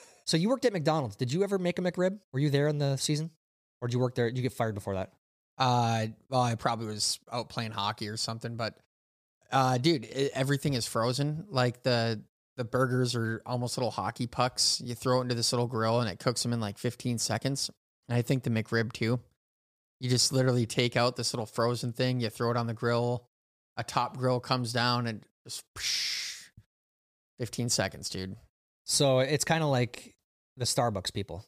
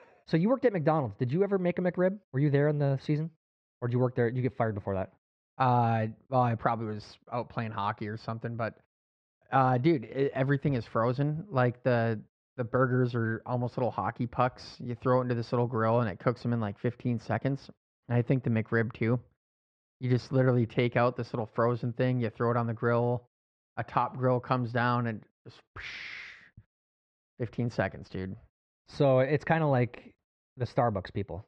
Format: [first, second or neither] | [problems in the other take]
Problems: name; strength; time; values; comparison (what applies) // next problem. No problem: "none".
first | muffled; very; fading above 2 kHz